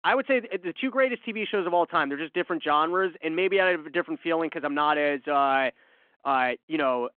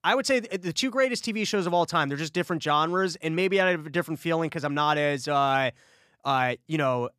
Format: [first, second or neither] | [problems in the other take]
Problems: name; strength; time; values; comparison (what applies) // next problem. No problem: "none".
second | phone-call audio